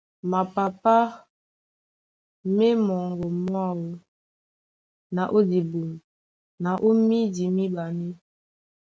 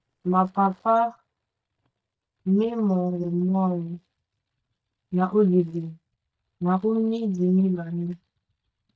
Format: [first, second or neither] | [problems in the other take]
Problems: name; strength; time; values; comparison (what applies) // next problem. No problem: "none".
first | noise reduction (neural mask model DeepFilterNet 3)